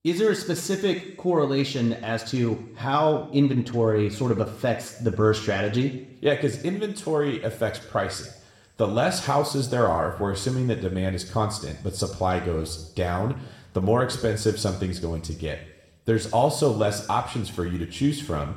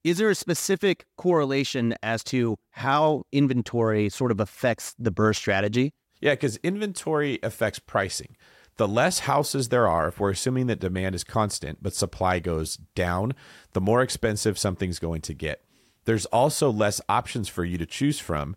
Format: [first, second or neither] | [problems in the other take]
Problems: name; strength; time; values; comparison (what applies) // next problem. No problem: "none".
second | room echo; slight; dies away in 0.8 s